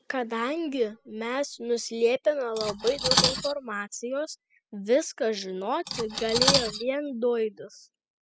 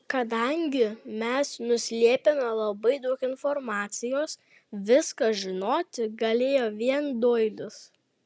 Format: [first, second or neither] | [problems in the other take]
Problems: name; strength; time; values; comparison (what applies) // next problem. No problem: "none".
second | noise reduction (classical method spectral subtraction)